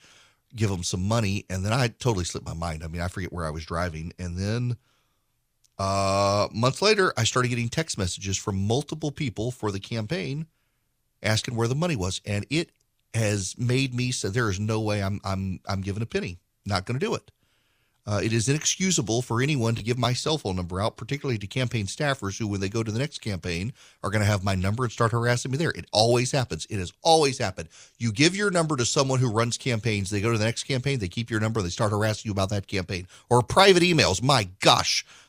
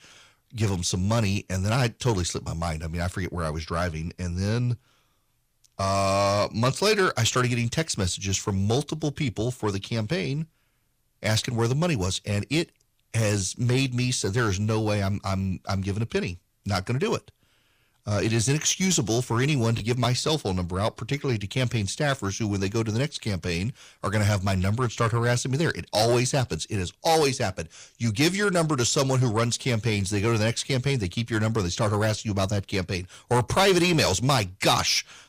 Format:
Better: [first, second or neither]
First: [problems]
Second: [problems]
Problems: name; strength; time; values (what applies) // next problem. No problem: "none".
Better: first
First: none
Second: distortion; slight; 10 dB below the speech